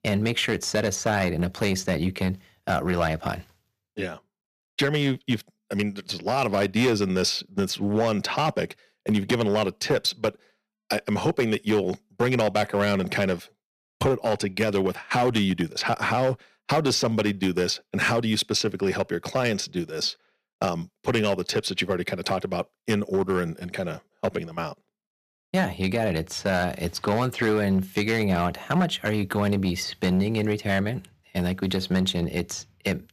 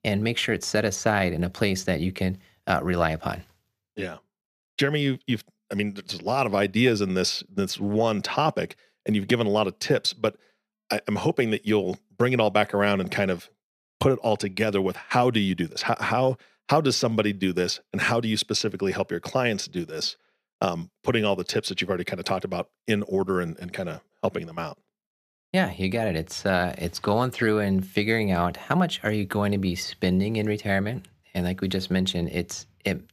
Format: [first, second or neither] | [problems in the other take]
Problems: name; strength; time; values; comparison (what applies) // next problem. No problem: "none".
second | distortion; slight; 4% of the sound clipped